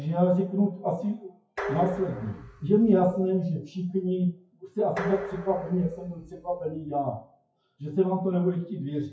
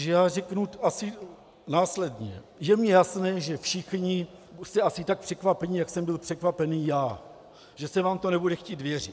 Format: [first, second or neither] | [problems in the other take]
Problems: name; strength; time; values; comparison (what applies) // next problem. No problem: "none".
second | noise reduction (classical method WPE with log-MMSE)